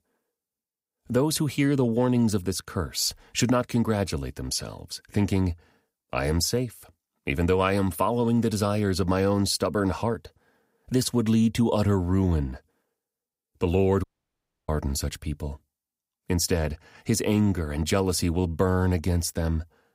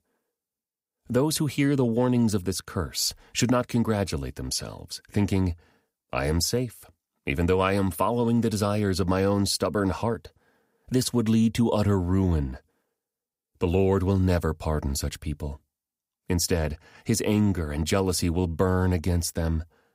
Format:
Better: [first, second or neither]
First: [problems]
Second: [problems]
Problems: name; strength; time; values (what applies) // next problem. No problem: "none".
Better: second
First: audio cutting out; at 14 s for 0.5 s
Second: none